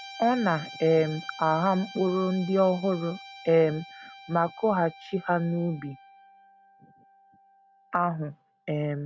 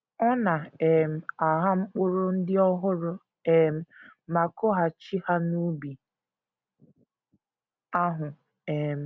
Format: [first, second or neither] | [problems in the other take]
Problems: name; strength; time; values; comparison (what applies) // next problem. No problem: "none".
second | background sound (Guitar); 19 dB below the speech